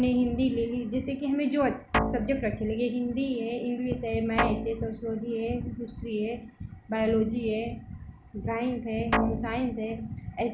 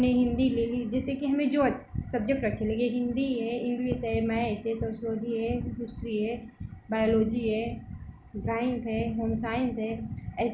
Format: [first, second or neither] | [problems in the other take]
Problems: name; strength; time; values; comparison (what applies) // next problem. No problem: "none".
second | background sound (Guitar); 2 dB below the speech